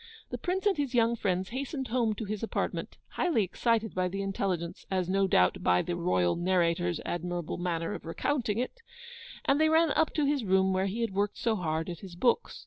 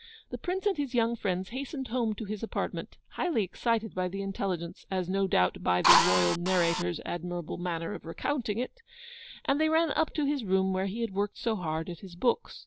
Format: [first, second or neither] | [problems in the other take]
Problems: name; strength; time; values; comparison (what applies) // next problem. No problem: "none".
first | background sound (Drill); 4 dB above the speech